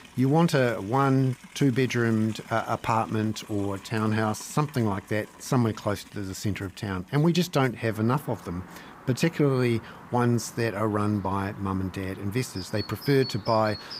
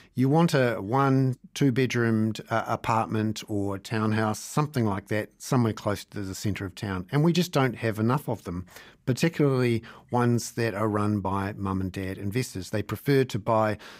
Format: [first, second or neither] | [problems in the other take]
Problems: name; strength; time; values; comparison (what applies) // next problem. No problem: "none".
second | animal sounds; noticeable; throughout; 20 dB below the speech